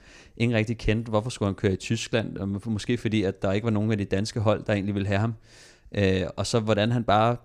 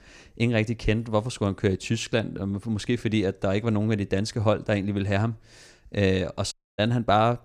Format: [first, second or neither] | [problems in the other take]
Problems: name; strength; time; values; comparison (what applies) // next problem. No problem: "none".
first | audio cutting out; at 6.5 s